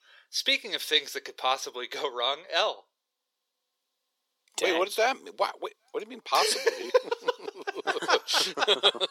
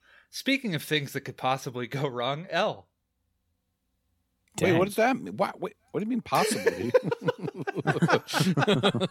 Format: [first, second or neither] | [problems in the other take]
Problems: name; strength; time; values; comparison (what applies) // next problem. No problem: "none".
second | thin; very; fading below 400 Hz